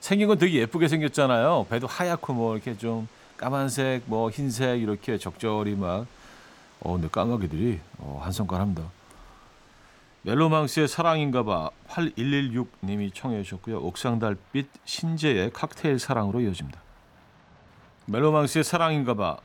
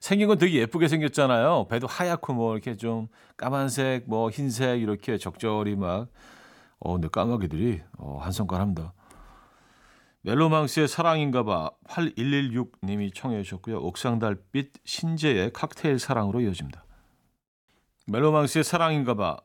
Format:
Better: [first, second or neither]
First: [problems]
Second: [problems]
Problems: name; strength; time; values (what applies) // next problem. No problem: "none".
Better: second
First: rain or running water; faint; throughout; 30 dB below the speech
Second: none